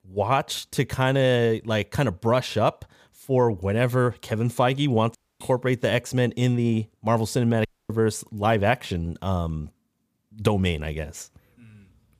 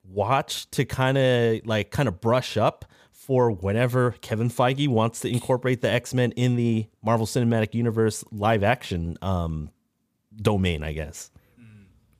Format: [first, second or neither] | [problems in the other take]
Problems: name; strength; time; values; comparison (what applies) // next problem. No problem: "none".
second | audio cutting out; at 5 s and at 7.5 s